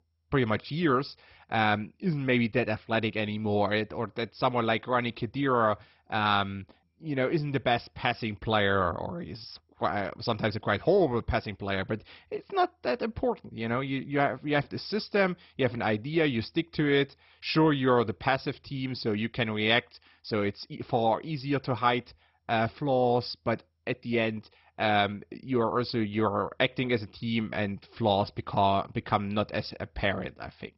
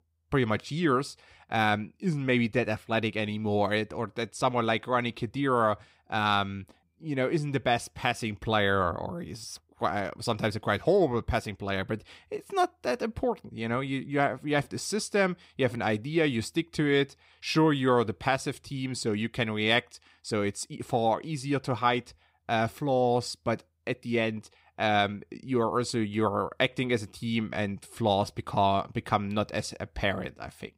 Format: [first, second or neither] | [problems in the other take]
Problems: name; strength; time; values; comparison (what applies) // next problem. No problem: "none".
second | garbled, watery; badly; nothing above 5.5 kHz